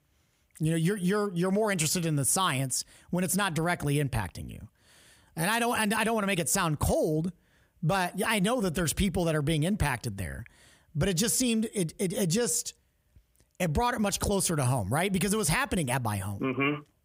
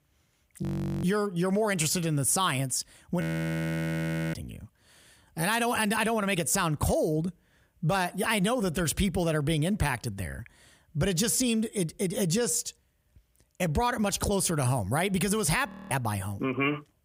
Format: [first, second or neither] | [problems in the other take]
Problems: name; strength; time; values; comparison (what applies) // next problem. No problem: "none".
first | audio freezing; at 0.5 s, at 3 s for 1 s and at 16 s